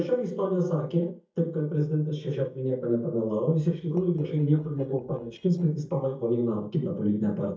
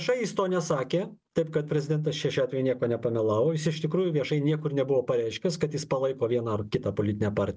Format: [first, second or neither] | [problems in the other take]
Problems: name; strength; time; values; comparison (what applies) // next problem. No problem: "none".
second | noise reduction (neural mask model DeepFilterNet 3)